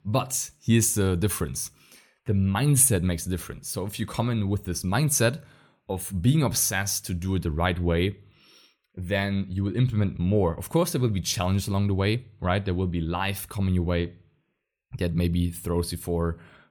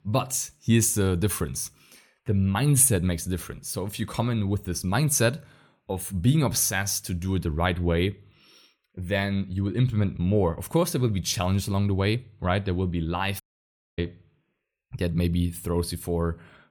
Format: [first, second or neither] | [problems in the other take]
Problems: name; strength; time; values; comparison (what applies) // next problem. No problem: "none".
first | audio cutting out; at 13 s for 0.5 s